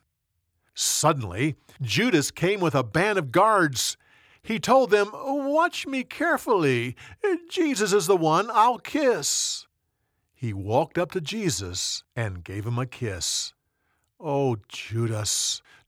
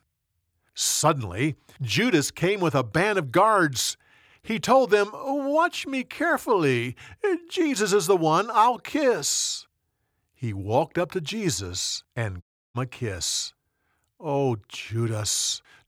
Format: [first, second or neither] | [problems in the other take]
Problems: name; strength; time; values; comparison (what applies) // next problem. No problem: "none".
first | audio cutting out; at 12 s